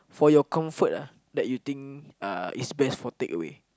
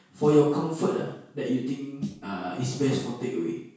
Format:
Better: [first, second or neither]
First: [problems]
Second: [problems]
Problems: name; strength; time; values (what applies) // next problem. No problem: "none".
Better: first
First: none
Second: background sound (Snare drum); 16 dB below the speech // room echo; dies away in 0.6 s